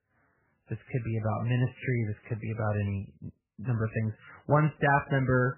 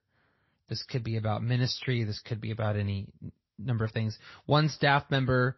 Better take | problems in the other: second | garbled, watery; badly; nothing above 3 kHz; slightly in the second

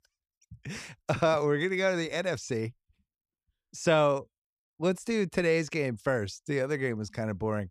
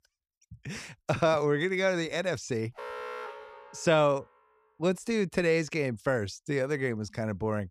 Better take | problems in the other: first | alarm; noticeable; from 3 to 4 s; peak 9 dB below the speech

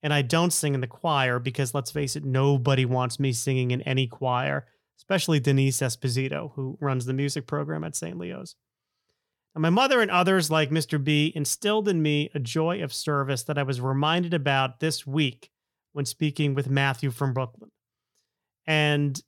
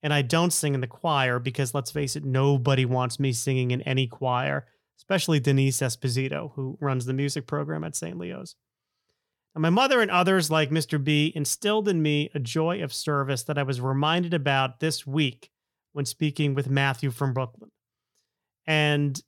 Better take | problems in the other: neither | none

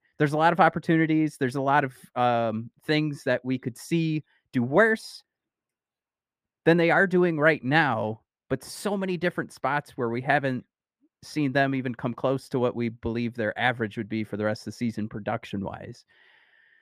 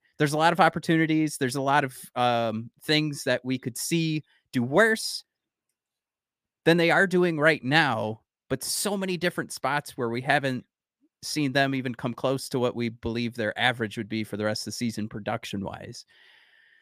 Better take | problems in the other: second | muffled; slightly; fading above 3 kHz

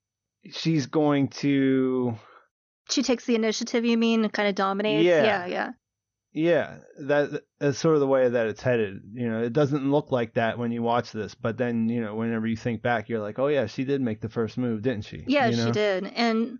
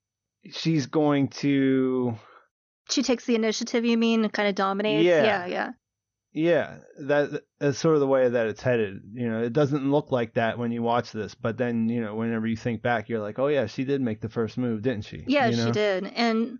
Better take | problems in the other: neither | garbled, watery; slightly; nothing above 6.5 kHz; the same in both

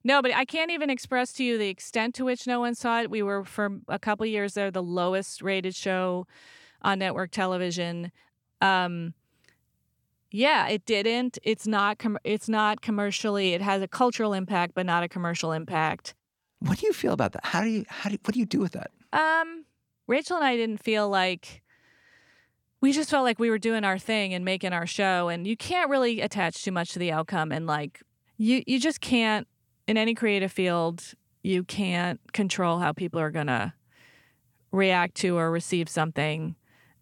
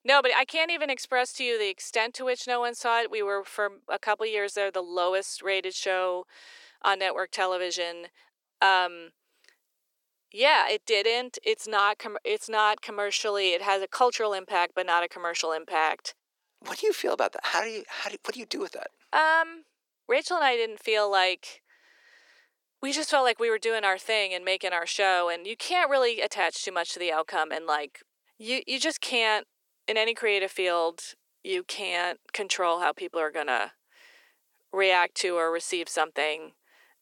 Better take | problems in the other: first | thin; very; fading below 400 Hz

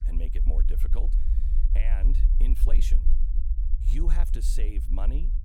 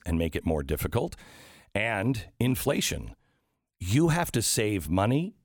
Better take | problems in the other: second | low rumble; loud; throughout; 6 dB below the speech

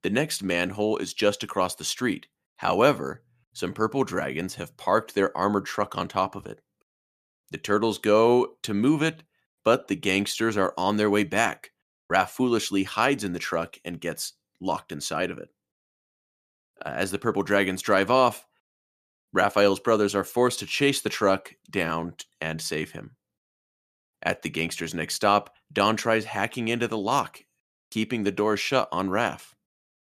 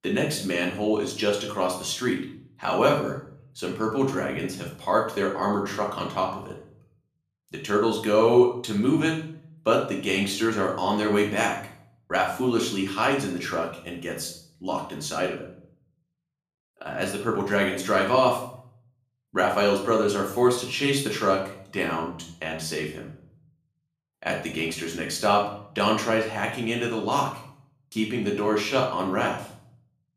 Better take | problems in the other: first | room echo; slight; dies away in 0.5 s // off-mic speech; far

